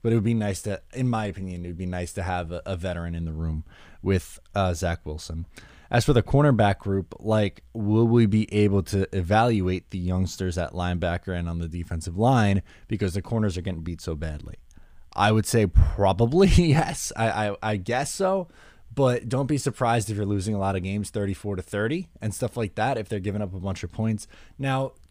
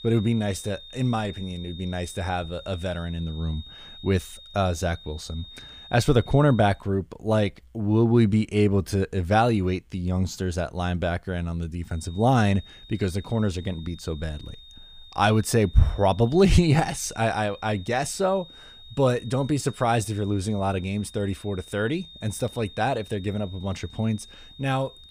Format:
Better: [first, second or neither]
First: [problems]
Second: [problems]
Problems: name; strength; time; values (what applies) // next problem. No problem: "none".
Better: first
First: none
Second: high-pitched whine; noticeable; until 6.5 s and from 12 s on; 3.5 kHz, 20 dB below the speech